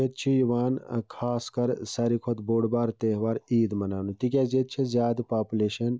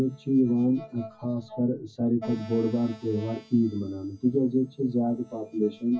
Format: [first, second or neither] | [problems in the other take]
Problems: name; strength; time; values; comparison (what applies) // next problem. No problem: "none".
first | noise reduction (classical method WPE with log-MMSE)